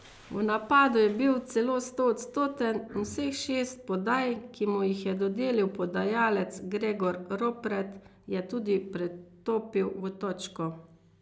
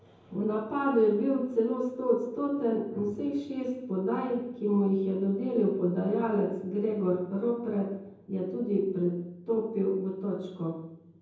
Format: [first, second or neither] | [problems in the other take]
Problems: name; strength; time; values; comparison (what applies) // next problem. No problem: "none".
first | room echo; dies away in 0.9 s